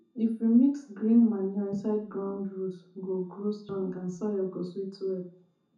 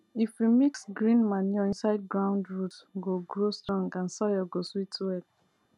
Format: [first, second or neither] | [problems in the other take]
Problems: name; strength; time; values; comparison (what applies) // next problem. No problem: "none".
second | room echo; dies away in 0.6 s